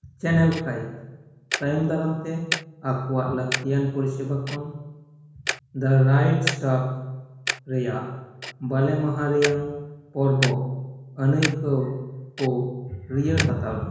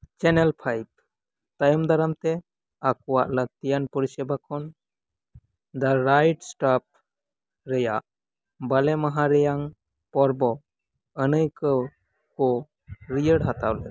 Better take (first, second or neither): second